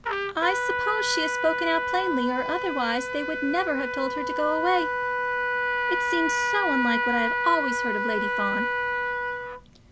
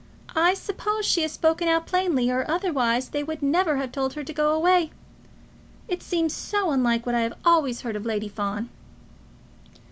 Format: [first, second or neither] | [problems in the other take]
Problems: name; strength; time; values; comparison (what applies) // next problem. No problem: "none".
second | background sound (Trumpet); 1 dB above the speech